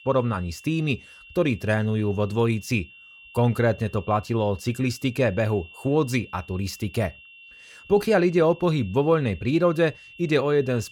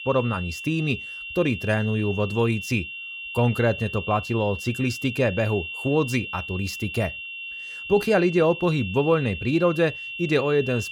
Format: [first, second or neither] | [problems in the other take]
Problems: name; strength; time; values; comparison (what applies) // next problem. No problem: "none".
first | high-pitched whine; loud; throughout; 2.5 kHz, 8 dB below the speech; faint in the first